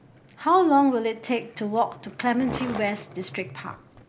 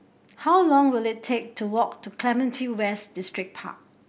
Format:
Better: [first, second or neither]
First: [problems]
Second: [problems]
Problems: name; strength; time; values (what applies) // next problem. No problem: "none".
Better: second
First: background sound (Skateboard); 16 dB below the speech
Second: none